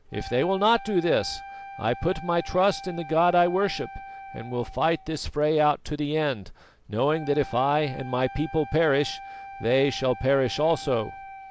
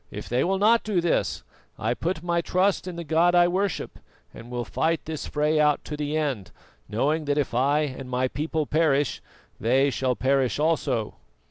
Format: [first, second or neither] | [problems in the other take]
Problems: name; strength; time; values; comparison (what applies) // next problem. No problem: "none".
second | background sound (Wind instrument, woodwind instrument); 16 dB below the speech